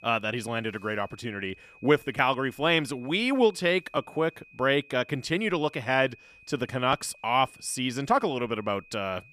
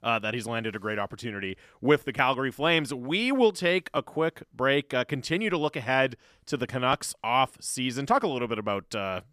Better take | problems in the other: second | high-pitched whine; faint; throughout; 2.5 kHz, 25 dB below the speech

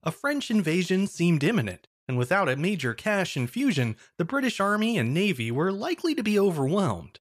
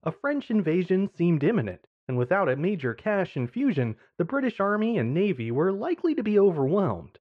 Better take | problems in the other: first | muffled; very; fading above 2 kHz

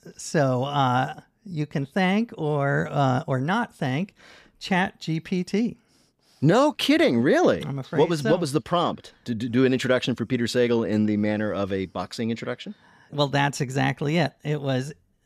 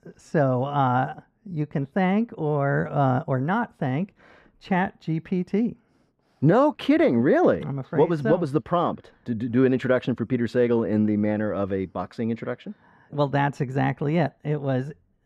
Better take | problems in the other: first | muffled; very; fading above 2.5 kHz

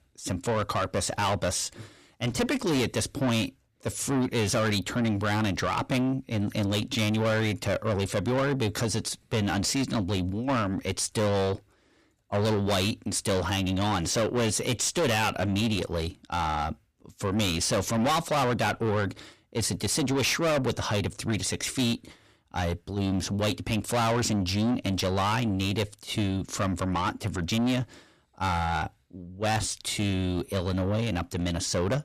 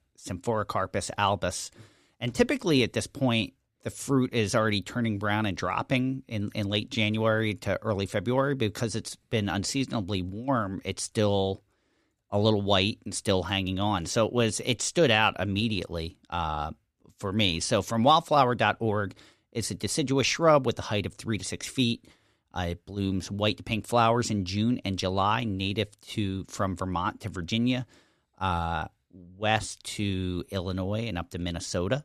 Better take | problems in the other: second | distortion; heavy; 5 dB below the speech

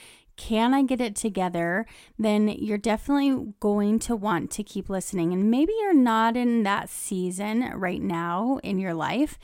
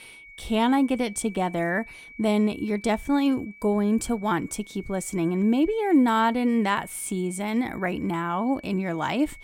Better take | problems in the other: first | high-pitched whine; faint; throughout; 2.5 kHz, 20 dB below the speech

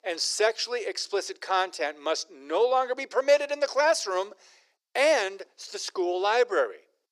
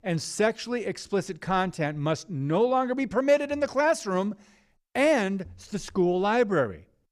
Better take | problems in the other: second | thin; very; fading below 400 Hz

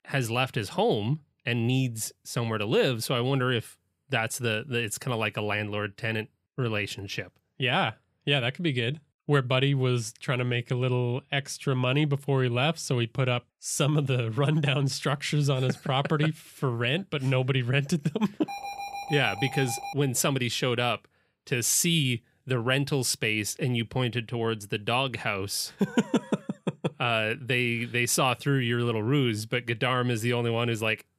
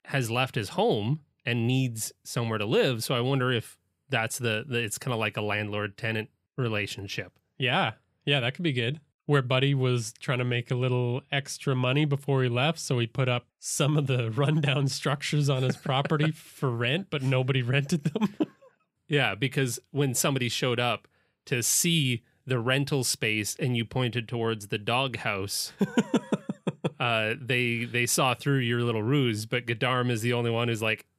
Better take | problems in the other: second | alarm; noticeable; from 18 to 20 s; peak 8 dB below the speech

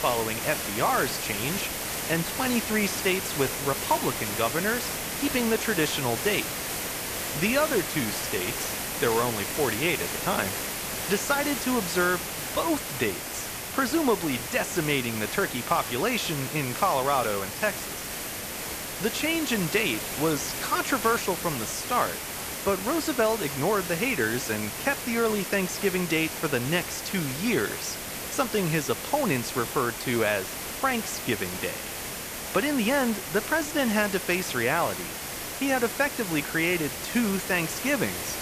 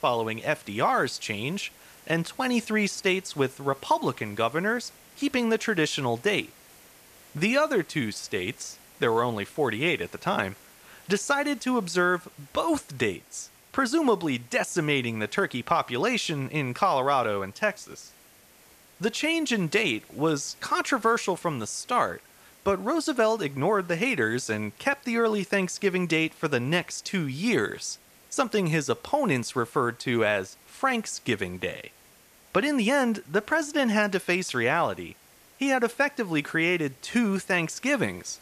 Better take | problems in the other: second | hiss; loud; throughout; 4 dB below the speech; faint in the second

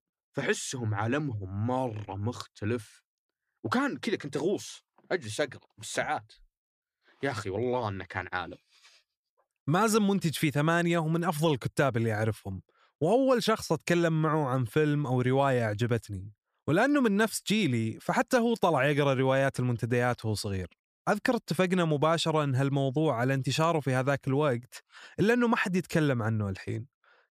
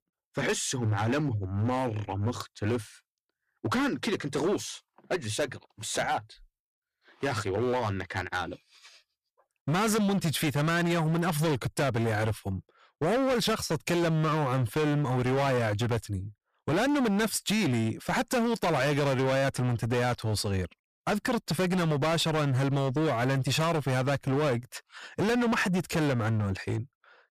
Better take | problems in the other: first | distortion; heavy; 21% of the sound clipped

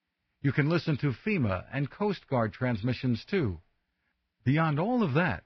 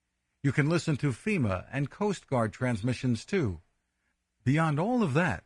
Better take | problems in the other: second | garbled, watery; badly; nothing above 5.5 kHz; slightly in the second

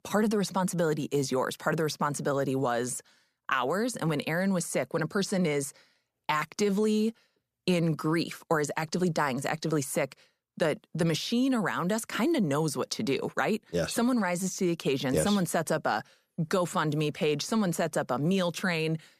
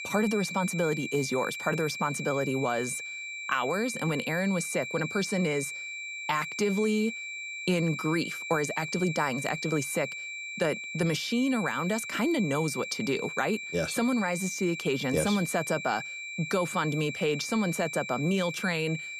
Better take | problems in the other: first | high-pitched whine; loud; throughout; 2.5 kHz, 6 dB below the speech

